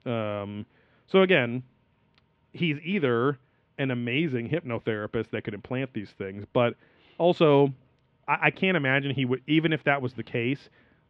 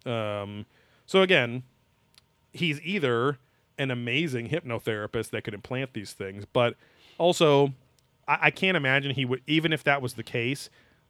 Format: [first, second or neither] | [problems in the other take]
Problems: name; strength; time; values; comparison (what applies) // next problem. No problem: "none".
second | muffled; very; fading above 3 kHz